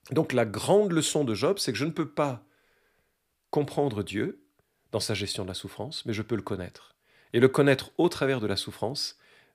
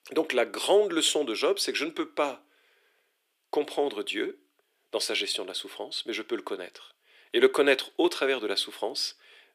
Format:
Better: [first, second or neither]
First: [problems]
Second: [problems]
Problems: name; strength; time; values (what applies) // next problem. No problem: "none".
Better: first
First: none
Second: thin; somewhat; fading below 350 Hz